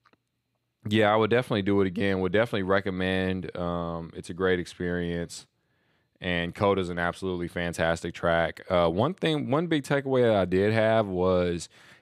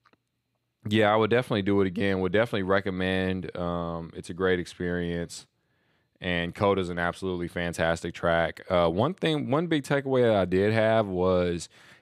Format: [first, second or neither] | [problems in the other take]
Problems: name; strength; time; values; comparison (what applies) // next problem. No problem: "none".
neither | none